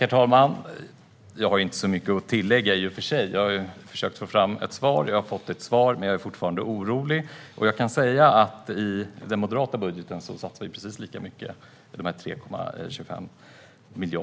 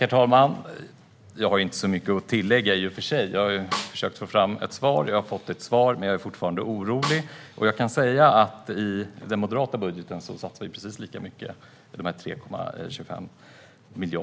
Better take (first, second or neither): first